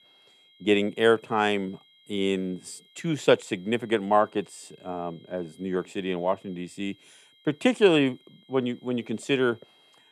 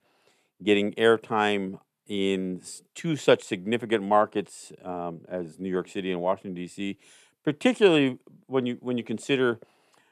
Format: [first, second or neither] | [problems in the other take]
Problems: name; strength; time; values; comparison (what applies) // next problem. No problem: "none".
second | high-pitched whine; faint; throughout; 3 kHz, 30 dB below the speech